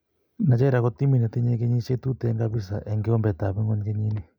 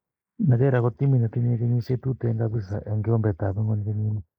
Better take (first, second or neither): first